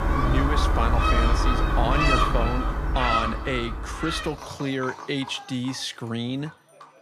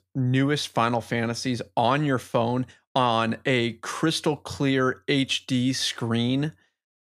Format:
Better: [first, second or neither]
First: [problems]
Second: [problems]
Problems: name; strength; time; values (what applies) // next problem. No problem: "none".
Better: second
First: animal sounds; very loud; throughout; 5 dB above the speech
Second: none